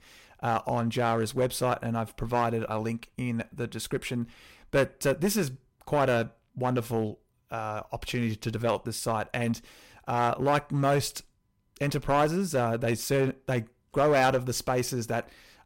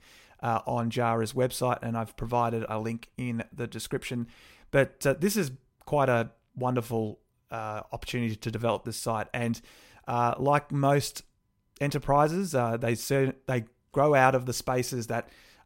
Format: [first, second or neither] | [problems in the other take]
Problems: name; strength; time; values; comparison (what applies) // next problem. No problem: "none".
second | distortion; slight; 3% of the sound clipped